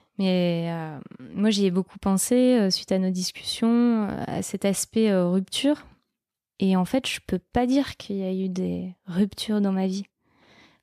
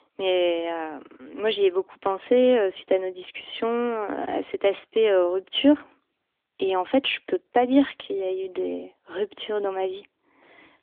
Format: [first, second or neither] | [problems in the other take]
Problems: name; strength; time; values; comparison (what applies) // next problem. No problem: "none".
first | phone-call audio; nothing above 3.5 kHz